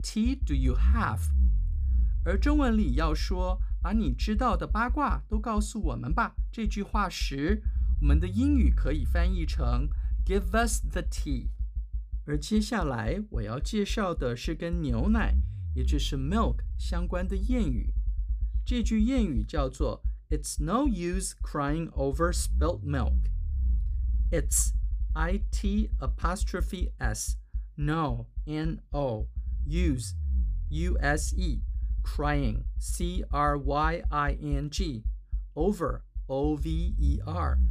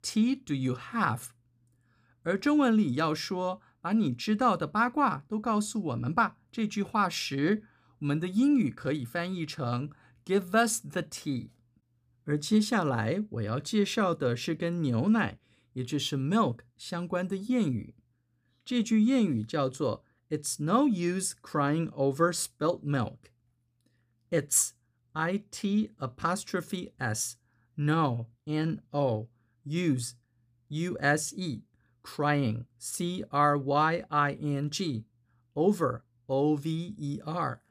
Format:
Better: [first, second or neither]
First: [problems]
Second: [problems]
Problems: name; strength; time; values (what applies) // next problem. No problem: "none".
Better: second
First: low rumble; faint; throughout; 20 dB below the speech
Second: none